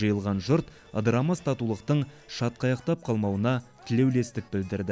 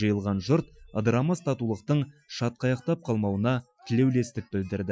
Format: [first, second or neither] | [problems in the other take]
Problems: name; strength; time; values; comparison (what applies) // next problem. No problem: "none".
first | noise reduction (classical method Wiener filter)